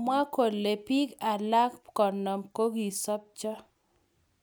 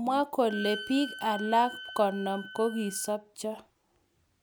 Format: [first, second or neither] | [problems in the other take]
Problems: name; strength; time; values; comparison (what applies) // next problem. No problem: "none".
first | background sound (Wind instrument, woodwind instrument); 12 dB below the speech